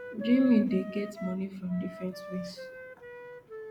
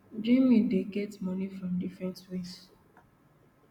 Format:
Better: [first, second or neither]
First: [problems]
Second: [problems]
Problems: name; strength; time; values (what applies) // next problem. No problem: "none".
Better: second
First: background sound (Wind instrument, woodwind instrument); 12 dB below the speech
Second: none